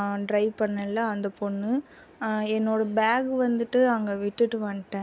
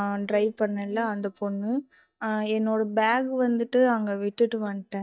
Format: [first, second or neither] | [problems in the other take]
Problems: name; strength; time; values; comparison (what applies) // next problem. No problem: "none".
first | noise reduction (neural mask model DeepFilterNet 3)